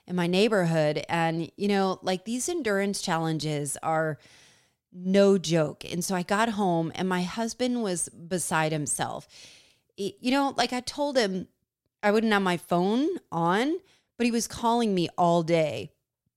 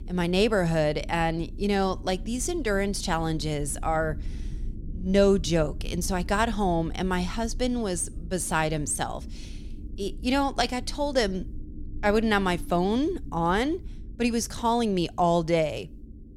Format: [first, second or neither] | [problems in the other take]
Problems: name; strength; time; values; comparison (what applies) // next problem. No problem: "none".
first | low rumble; faint; throughout; 25 dB below the speech